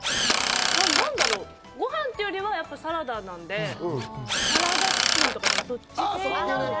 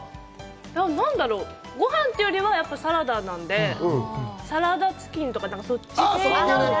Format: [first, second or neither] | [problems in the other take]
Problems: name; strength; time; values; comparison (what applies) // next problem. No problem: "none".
second | background sound (Drill); 2 dB above the speech